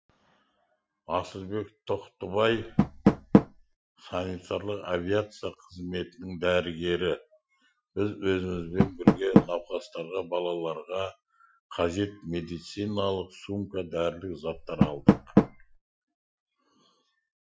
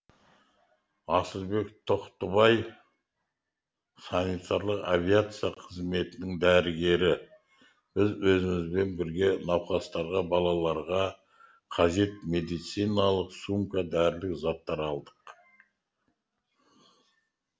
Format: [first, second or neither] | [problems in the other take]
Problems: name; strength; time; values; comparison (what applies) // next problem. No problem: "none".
second | noise reduction (classical method Wiener filter)